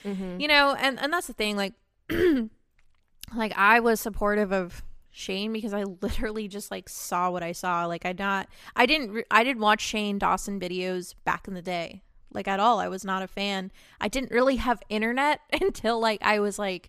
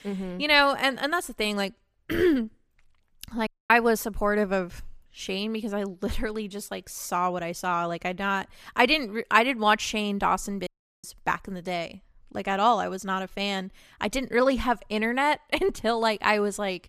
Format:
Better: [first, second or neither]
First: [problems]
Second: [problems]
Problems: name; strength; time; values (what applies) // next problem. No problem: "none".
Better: first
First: none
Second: audio cutting out; at 3.5 s and at 11 s